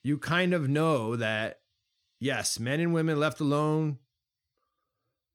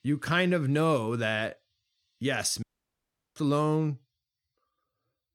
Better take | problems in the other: first | audio cutting out; at 2.5 s for 0.5 s

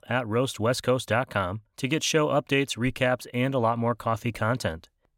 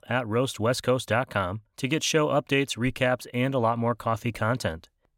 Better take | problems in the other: neither | none

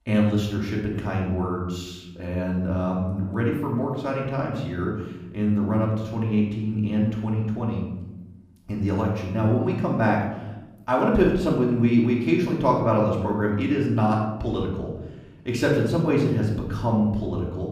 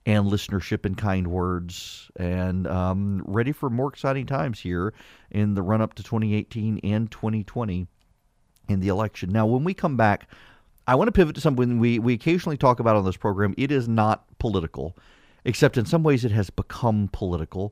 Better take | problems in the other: second | off-mic speech; far // room echo; noticeable; dies away in 0.9 s

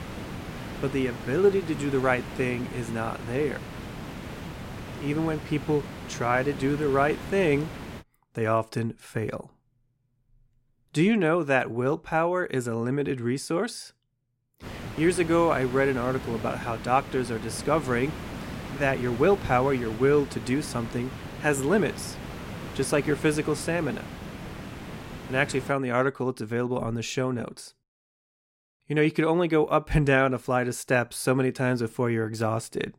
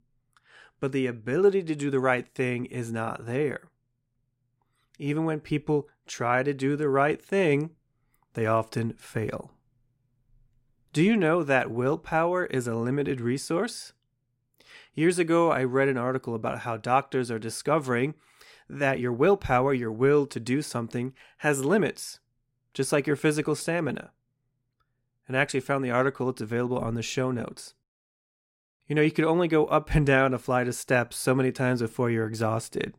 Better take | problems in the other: second | hiss; noticeable; until 8 s and from 15 to 26 s; 10 dB below the speech

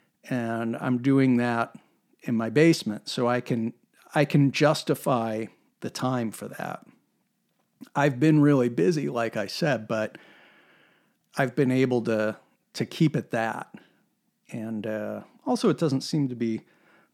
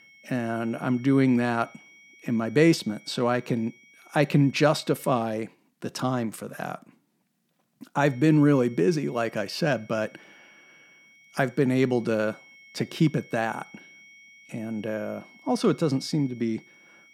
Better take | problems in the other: first | high-pitched whine; faint; until 5 s and from 8 s on; 2 kHz, 25 dB below the speech

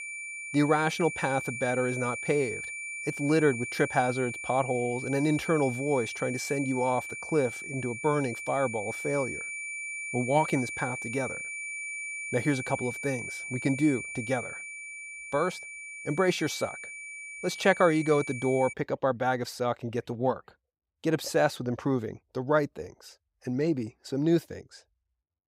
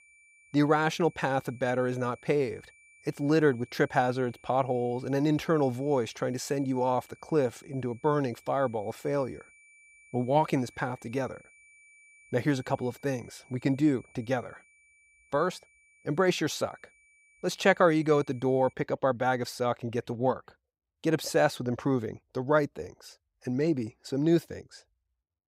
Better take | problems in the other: second | high-pitched whine; loud; until 19 s; 2.5 kHz, 7 dB below the speech; faint in the second

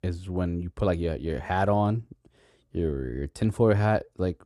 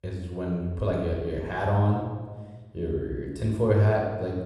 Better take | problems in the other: first | off-mic speech; somewhat distant // room echo; noticeable; dies away in 1.1 s

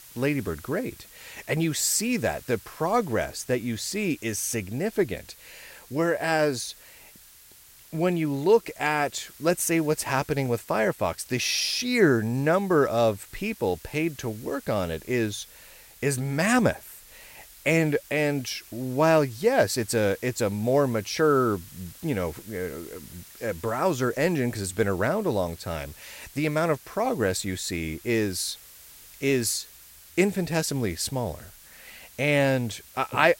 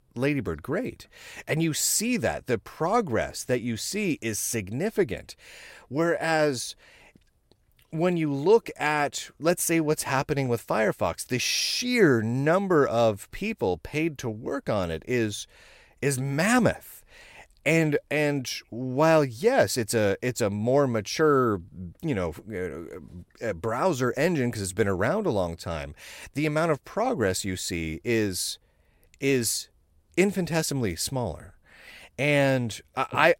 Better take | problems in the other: second | hiss; faint; throughout; 20 dB below the speech

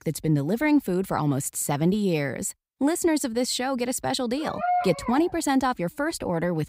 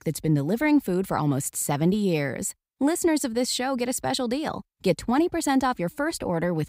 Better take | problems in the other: second | dog barking; noticeable; at 4.5 s; peak 1 dB below the speech

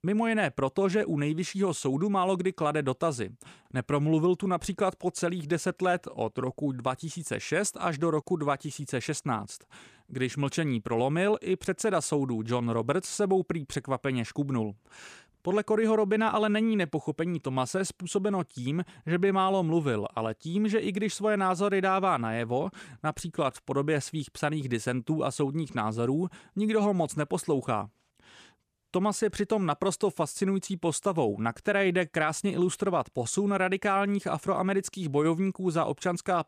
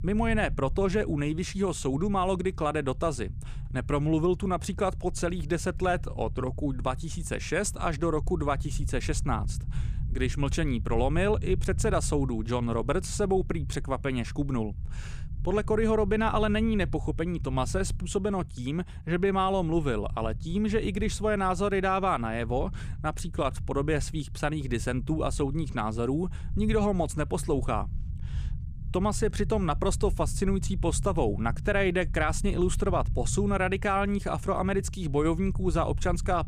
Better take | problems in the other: first | low rumble; faint; throughout; 20 dB below the speech

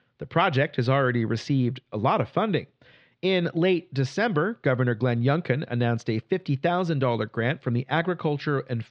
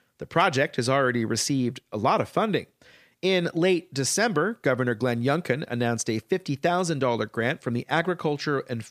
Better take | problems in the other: second | muffled; slightly; fading above 3.5 kHz

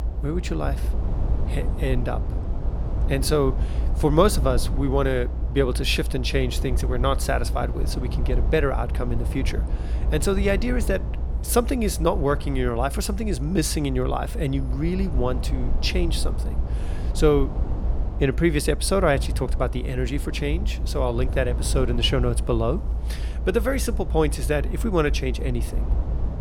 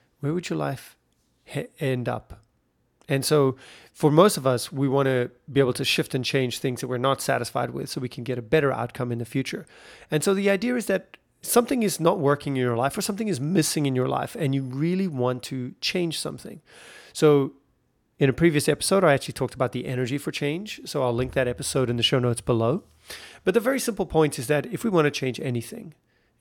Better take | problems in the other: second | low rumble; noticeable; throughout; 15 dB below the speech

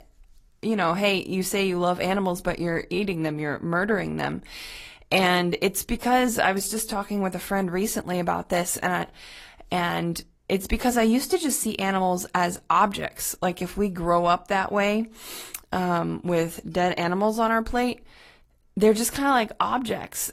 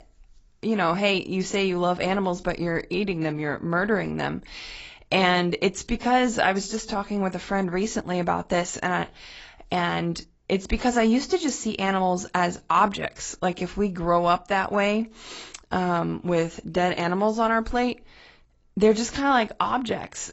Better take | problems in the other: first | garbled, watery; badly; nothing above 7.5 kHz; slightly in the first

